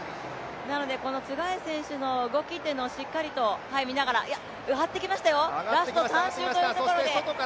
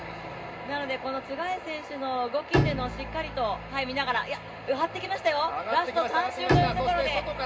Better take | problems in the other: first | background sound (Bowed string instrument); 4 dB below the speech // room echo; dies away in 0.2 s

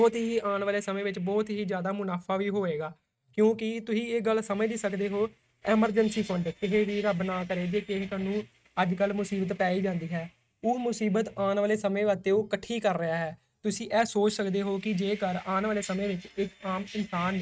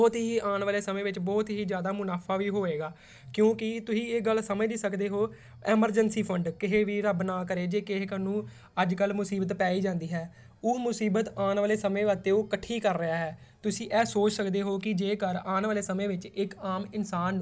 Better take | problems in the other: second | noise reduction (neural mask model RNNoise)

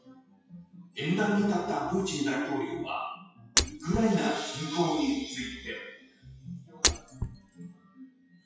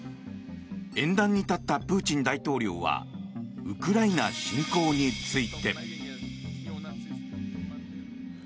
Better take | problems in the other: second | noise reduction (classical method WPE with log-MMSE)

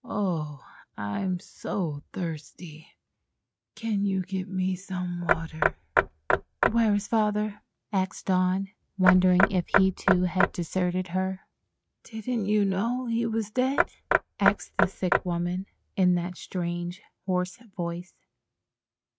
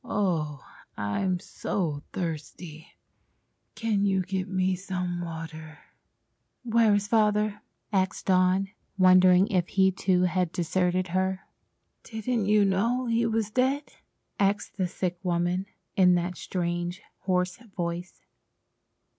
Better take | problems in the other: second | noise reduction (neural mask model RNNoise)

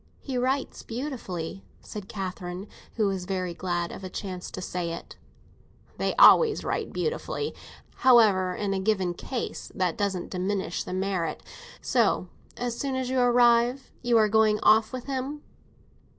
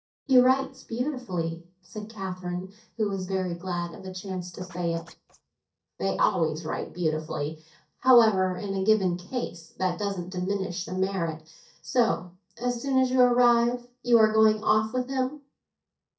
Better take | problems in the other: first | noise reduction (neural mask model DeepFilterNet 3)

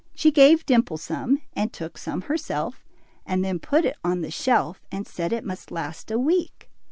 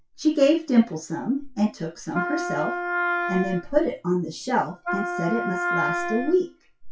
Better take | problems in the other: first | noise reduction (classical method WPE with log-MMSE)

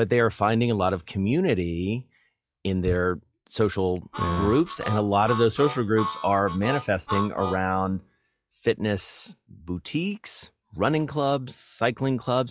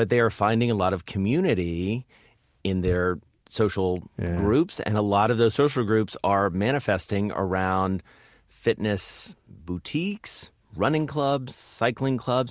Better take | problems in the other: second | noise reduction (classical method log-MMSE)

